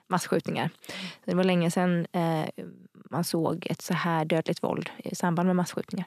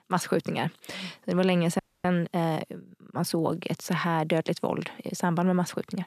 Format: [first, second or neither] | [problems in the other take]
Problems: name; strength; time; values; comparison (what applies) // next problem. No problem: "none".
first | audio freezing; at 2 s